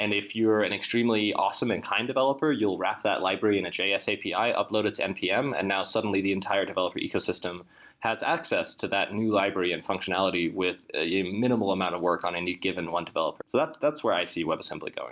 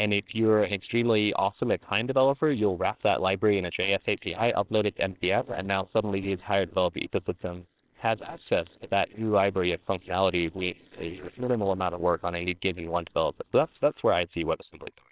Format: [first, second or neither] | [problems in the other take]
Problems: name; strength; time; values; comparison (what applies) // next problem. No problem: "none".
first | noise reduction (neural separator model SepFormer WHAMR!)